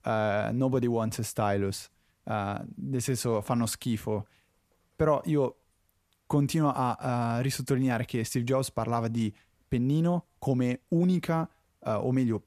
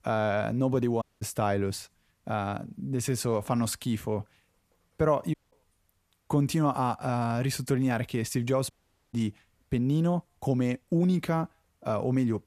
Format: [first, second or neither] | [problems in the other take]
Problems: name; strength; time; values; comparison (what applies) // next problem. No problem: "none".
first | audio cutting out; at 1 s, at 5.5 s and at 8.5 s